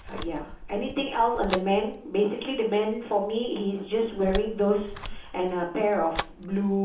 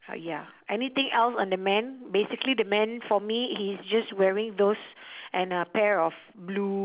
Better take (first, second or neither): second